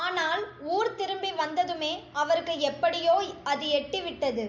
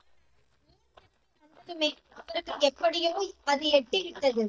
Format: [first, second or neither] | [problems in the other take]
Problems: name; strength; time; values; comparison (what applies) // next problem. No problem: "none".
first | noise reduction (neural mask model DeepFilterNet 3)